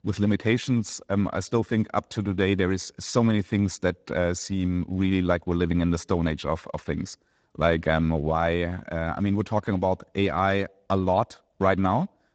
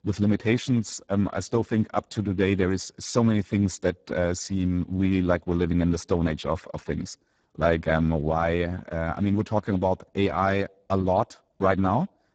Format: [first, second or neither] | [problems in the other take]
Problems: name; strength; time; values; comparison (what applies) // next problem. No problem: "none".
first | garbled, watery; badly; nothing above 7.5 kHz; slightly in the first